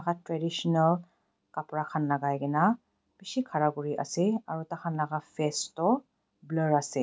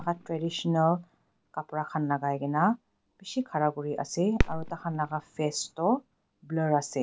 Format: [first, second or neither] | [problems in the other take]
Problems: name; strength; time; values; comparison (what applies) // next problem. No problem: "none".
first | background sound (Fireworks); 9 dB below the speech